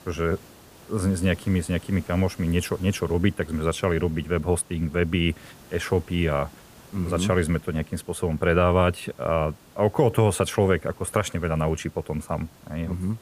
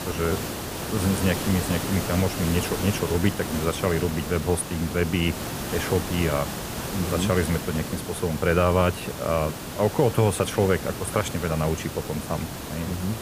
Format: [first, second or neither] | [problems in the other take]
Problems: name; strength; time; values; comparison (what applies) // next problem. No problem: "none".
first | hiss; loud; throughout; 6 dB below the speech; faint in the first